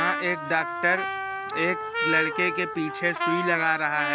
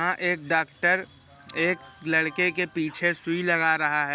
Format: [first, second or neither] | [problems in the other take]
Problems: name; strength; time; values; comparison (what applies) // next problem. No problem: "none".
second | background sound (Trumpet); 3 dB below the speech